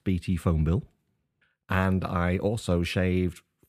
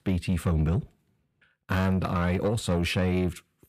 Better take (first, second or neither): first